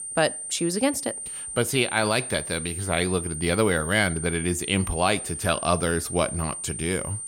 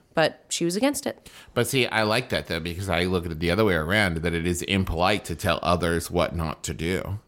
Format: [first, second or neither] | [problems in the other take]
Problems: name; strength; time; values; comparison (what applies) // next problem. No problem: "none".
second | high-pitched whine; loud; throughout; 9 kHz, 6 dB below the speech